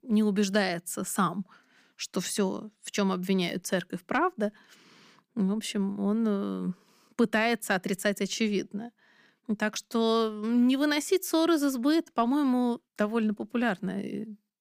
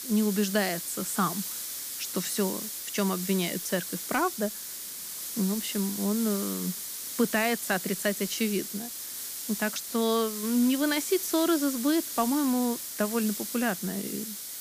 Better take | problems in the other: first | hiss; loud; throughout; 5 dB below the speech

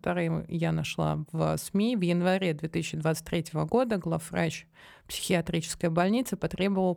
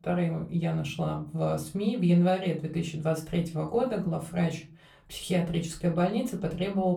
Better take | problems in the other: first | off-mic speech; far // room echo; very slight; dies away in 0.3 s

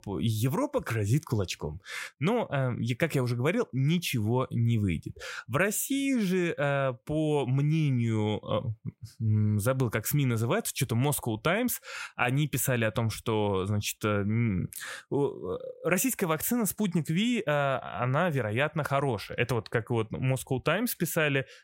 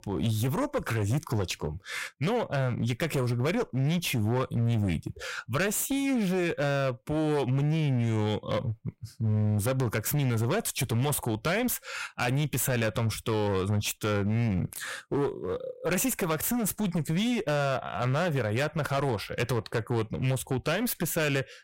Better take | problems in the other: first | distortion; slight; 23% of the sound clipped

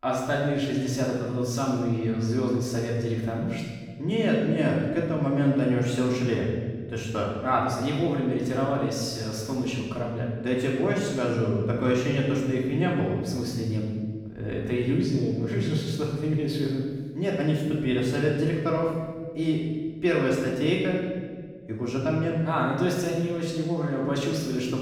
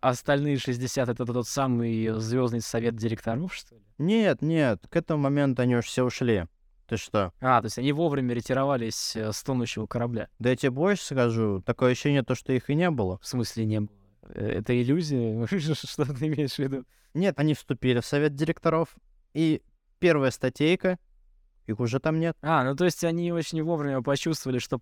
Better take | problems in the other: second | off-mic speech; far // room echo; noticeable; dies away in 1.4 s

